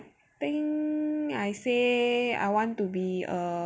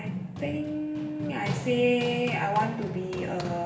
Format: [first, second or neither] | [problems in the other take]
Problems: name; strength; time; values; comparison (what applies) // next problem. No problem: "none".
first | background sound (Run); 6 dB below the speech // room echo; dies away in 0.7 s